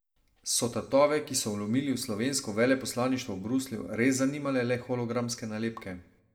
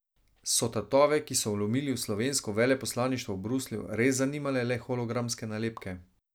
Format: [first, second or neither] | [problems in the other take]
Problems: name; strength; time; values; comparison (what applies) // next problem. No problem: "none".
second | room echo; dies away in 0.6 s